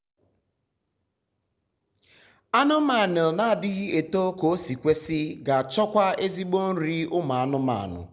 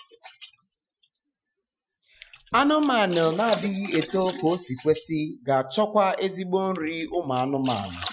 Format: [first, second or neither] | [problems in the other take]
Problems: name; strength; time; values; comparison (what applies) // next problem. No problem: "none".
first | noise reduction (classical method Wiener filter)